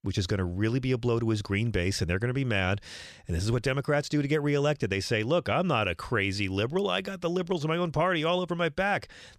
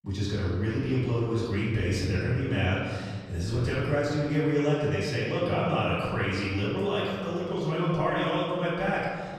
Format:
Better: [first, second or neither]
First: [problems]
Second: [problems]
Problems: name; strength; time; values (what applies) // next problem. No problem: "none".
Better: first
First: none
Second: off-mic speech; far // room echo; strong; dies away in 1.6 s